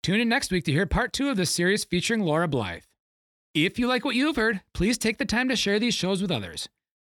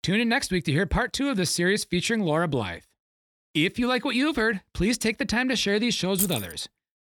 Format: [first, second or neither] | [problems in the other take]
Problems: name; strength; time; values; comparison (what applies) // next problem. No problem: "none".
first | jangling keys; noticeable; at 6 s; peak 3 dB below the speech